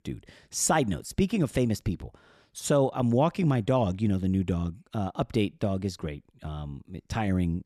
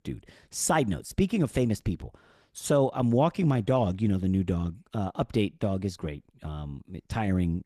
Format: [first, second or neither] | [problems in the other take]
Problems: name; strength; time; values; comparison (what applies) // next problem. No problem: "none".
first | garbled, watery; slightly; nothing above 13.5 kHz